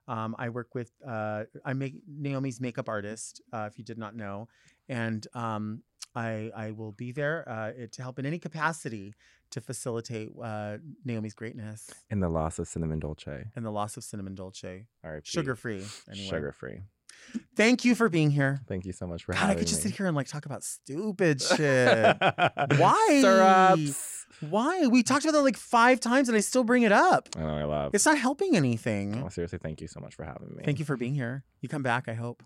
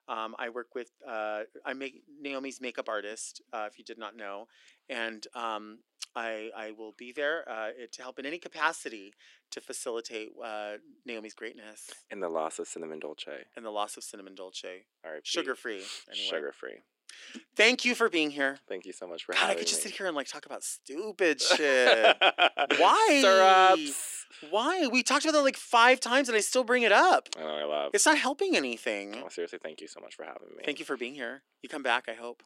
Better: first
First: none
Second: thin; somewhat; fading below 300 Hz

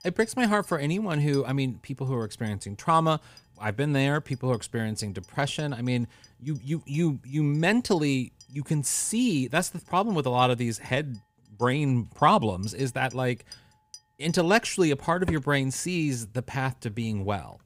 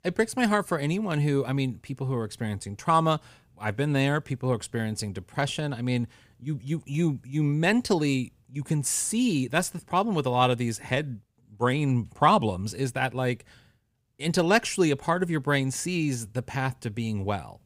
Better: second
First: household noises; faint; throughout; 20 dB below the speech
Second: none

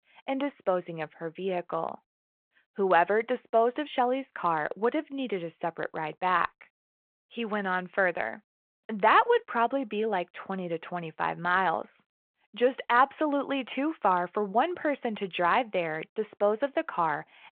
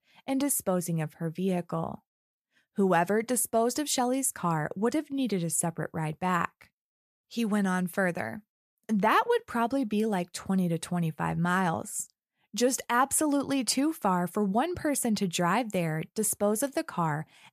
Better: second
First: phone-call audio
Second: none

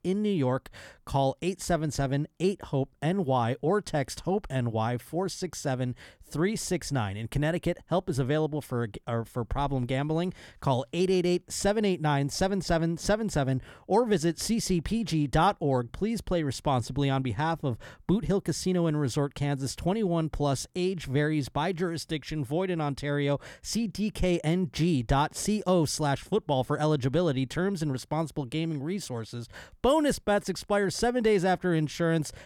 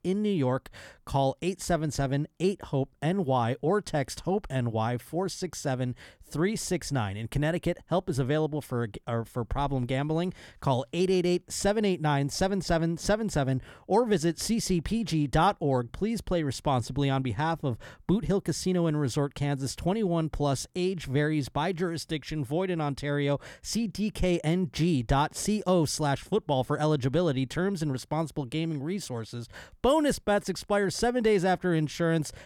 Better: neither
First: none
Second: none

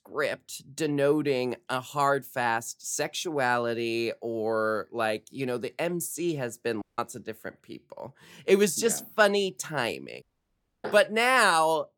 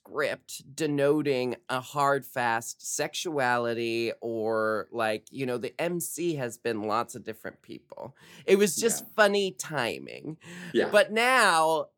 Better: second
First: audio cutting out; at 7 s and at 10 s for 0.5 s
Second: none

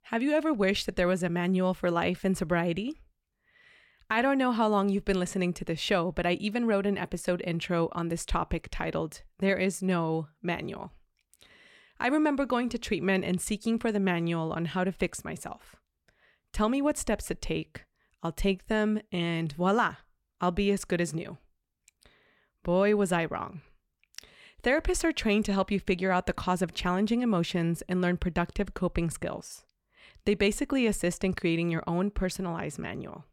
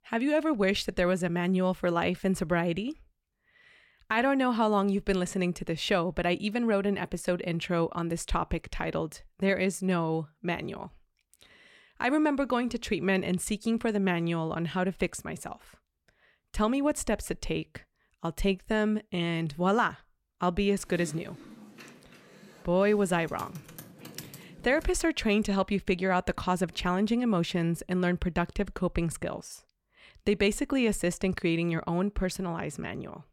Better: first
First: none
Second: keyboard typing; faint; from 21 to 25 s; peak 15 dB below the speech

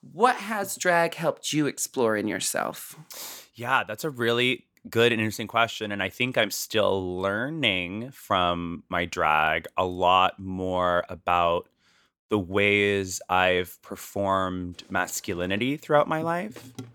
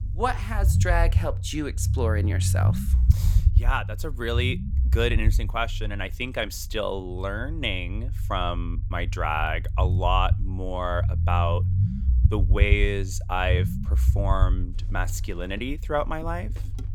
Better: first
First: none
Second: low rumble; noticeable; throughout; 15 dB below the speech

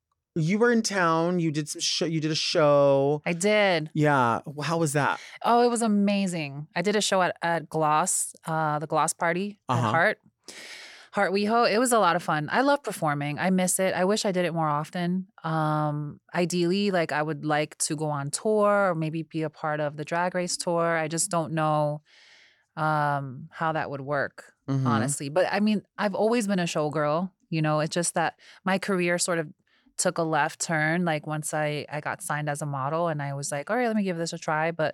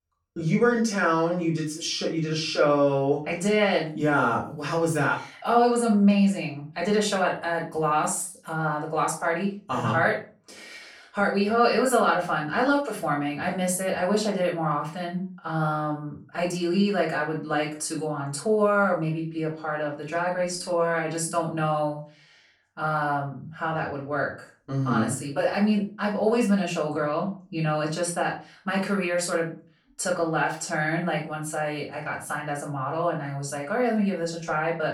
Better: first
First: none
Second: off-mic speech; far // room echo; slight; dies away in 0.3 s

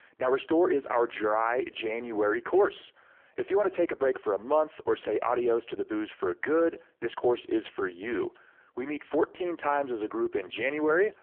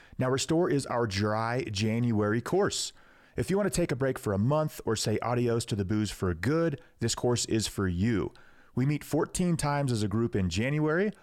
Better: second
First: phone-call audio; poor line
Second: none

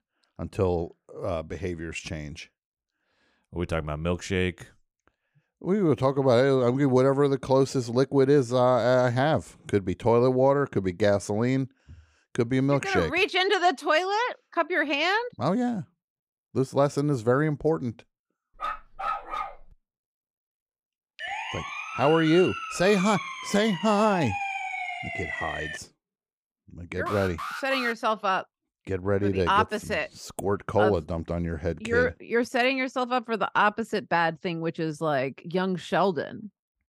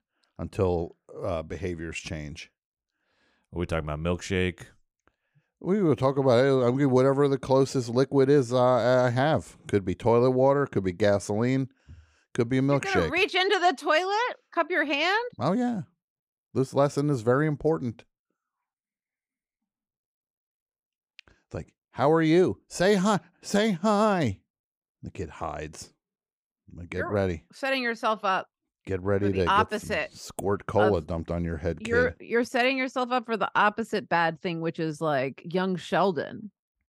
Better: second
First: dog barking; noticeable; from 19 to 20 s; peak 5 dB below the speech // siren; noticeable; from 21 to 26 s; peak 5 dB below the speech // alarm; noticeable; at 27 s; peak 9 dB below the speech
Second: none

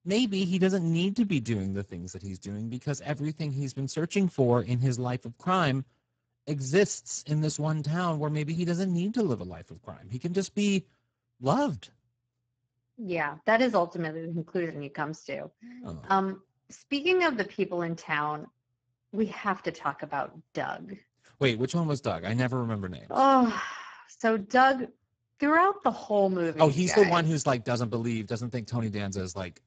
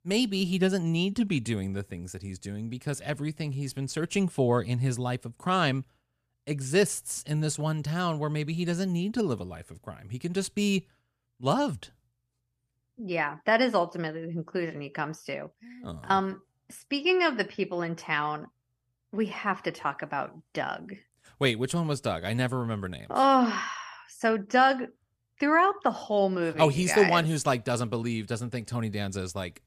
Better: second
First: garbled, watery; badly; nothing above 7.5 kHz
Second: none

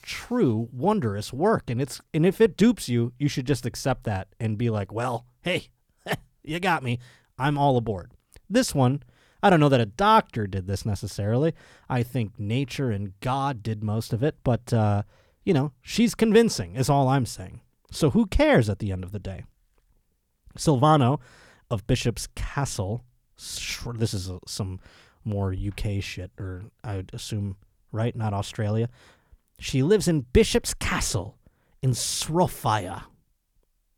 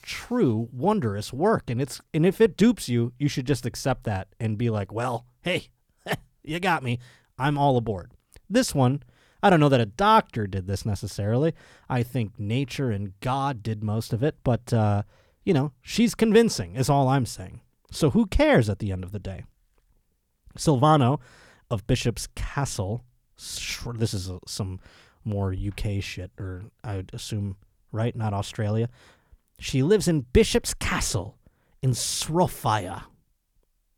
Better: neither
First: none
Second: none

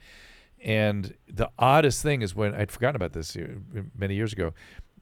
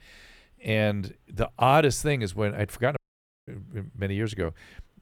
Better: first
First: none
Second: audio cutting out; at 3 s for 0.5 s

